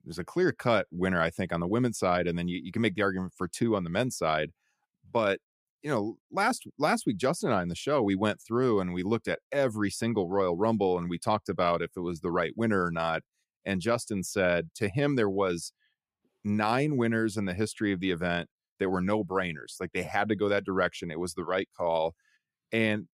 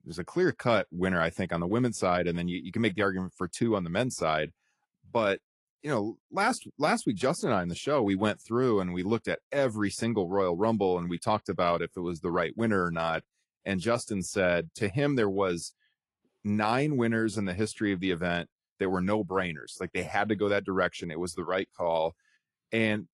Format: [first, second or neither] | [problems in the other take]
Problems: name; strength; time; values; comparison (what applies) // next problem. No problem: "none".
first | garbled, watery; slightly; nothing above 11 kHz